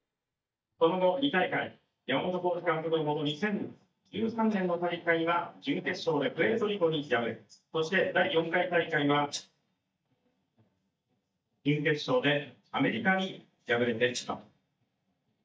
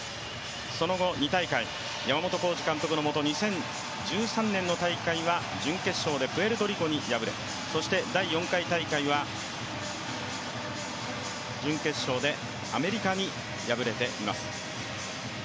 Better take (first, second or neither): second